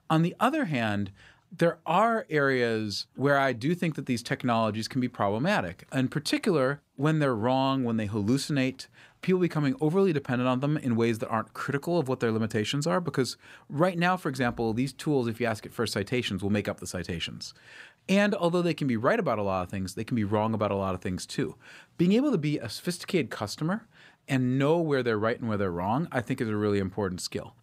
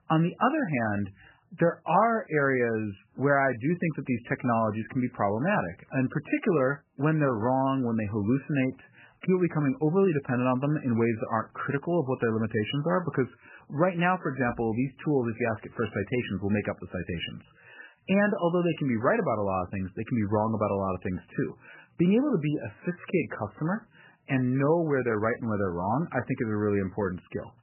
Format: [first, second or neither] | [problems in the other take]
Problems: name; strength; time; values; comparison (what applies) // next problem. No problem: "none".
first | garbled, watery; badly; nothing above 3 kHz